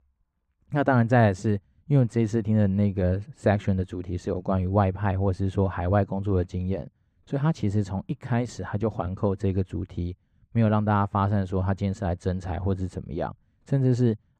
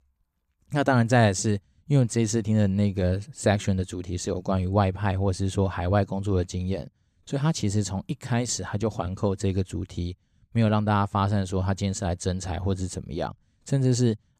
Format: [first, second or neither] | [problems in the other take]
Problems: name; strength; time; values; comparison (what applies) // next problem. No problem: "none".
second | muffled; very; fading above 3.5 kHz